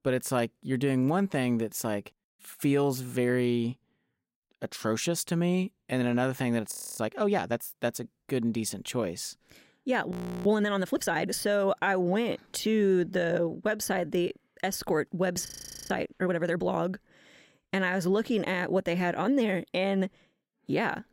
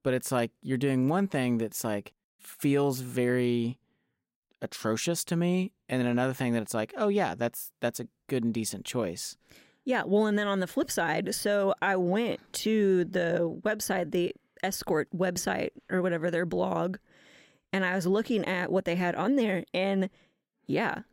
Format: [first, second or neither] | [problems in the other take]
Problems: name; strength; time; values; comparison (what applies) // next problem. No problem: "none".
second | audio freezing; at 6.5 s, at 10 s and at 15 s